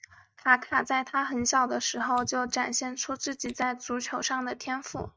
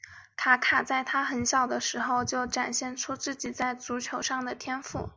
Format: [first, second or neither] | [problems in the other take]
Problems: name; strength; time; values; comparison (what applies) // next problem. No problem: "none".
second | noise reduction (neural mask model RNNoise)